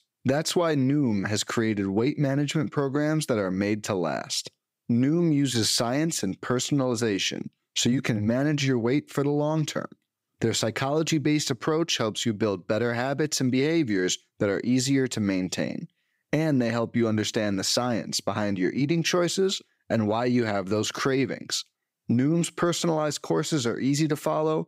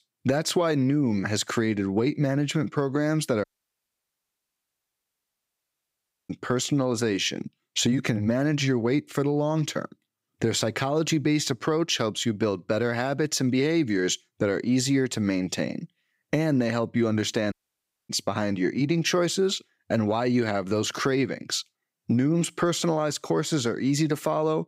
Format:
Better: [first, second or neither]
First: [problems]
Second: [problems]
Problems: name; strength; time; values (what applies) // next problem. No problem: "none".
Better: first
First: none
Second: audio cutting out; at 3.5 s for 3 s and at 18 s for 0.5 s